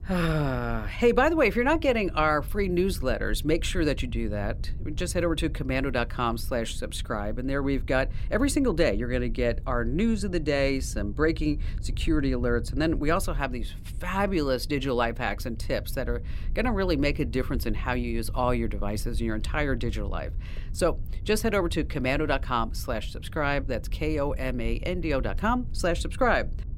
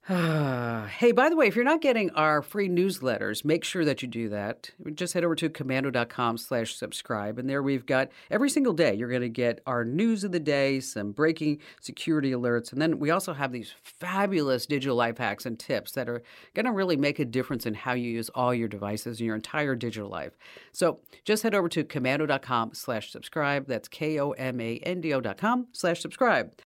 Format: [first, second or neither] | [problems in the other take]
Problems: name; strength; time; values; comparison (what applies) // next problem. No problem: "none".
second | low rumble; faint; throughout; 25 dB below the speech